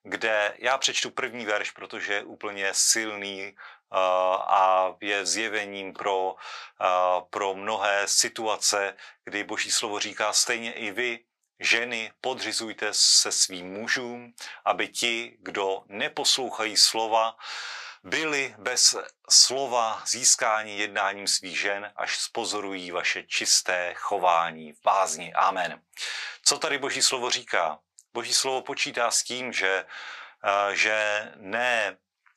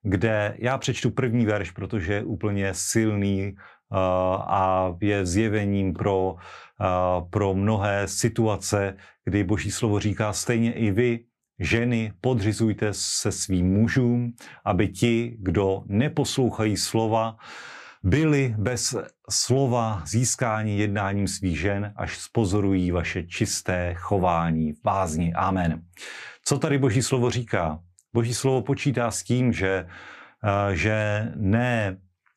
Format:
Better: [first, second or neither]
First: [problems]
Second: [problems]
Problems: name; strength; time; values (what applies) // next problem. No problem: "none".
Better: second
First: thin; very; fading below 750 Hz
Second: none